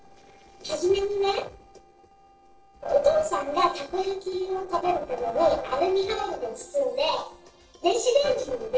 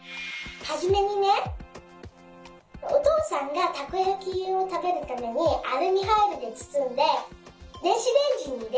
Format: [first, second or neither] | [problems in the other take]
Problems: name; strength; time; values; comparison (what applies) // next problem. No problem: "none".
second | noise reduction (neural separator model SepFormer DNS4)